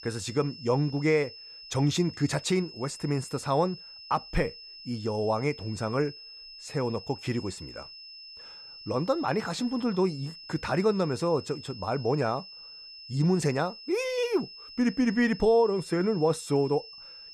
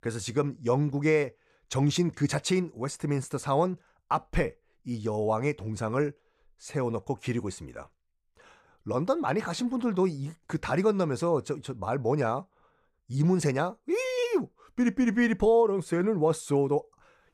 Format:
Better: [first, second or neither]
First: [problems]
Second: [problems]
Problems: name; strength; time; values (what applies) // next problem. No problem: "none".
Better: second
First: high-pitched whine; noticeable; throughout; 5 kHz, 15 dB below the speech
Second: none